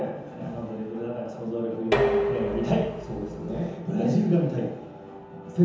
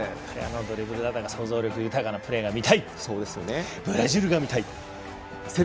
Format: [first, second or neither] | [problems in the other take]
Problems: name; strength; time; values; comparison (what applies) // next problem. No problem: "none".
second | background sound (Dishes, pots, and pans); 2 dB below the speech // room echo; dies away in 0.9 s